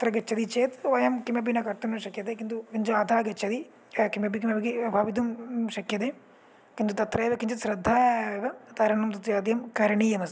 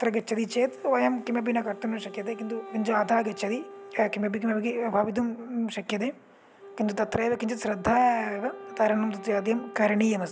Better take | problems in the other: first | background sound (Wind instrument, woodwind instrument); 18 dB below the speech

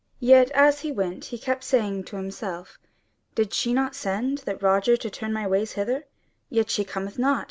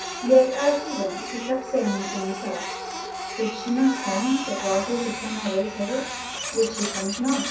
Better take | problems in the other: first | background sound (Printer); 7 dB below the speech // room echo; dies away in 0.6 s

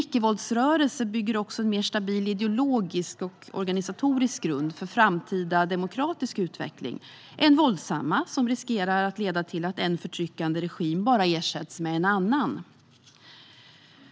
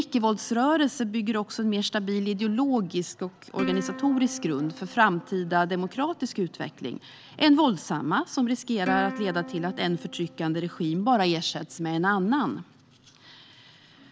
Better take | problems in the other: first | background sound (Plucked string instrument); 15 dB below the speech

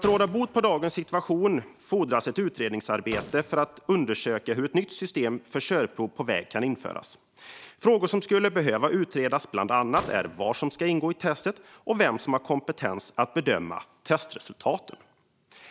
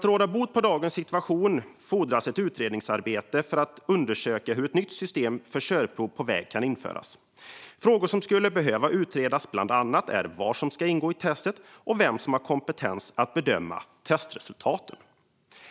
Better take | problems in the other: second | background sound (Gunshot, gunfire); 20 dB below the speech

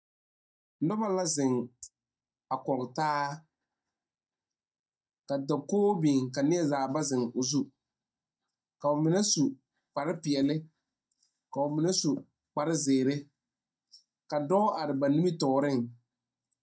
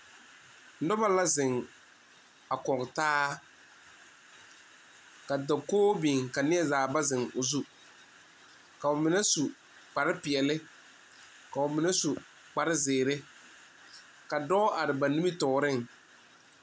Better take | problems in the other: second | noise reduction (neural mask model DeepFilterNet 3)

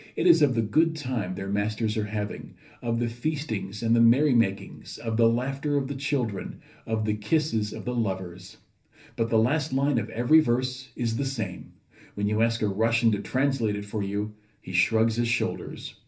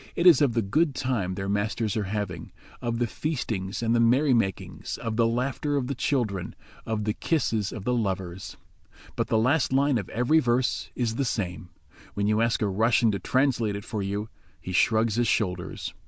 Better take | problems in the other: second | room echo; dies away in 0.3 s

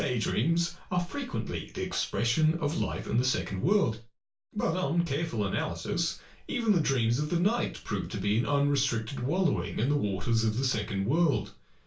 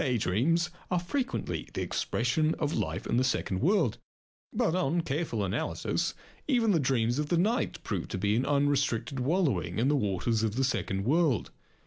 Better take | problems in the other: second | room echo; dies away in 0.3 s

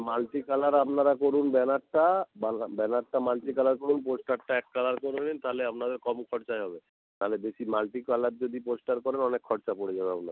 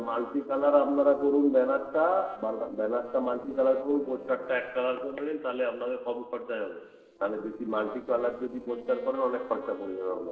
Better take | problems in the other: first | noise reduction (neural separator model SepFormer DNS4)

